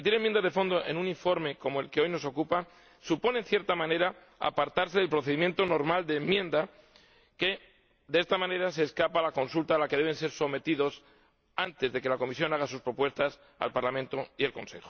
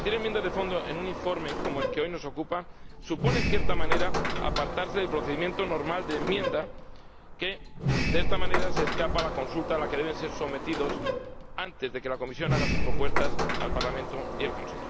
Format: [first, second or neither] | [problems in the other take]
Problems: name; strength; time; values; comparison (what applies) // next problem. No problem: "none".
first | background sound (Sliding door); 5 dB above the speech